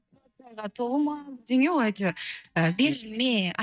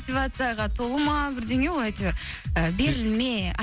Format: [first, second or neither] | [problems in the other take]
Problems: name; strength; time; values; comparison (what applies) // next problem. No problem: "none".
second | noise reduction (neural mask model DeepFilterNet 3)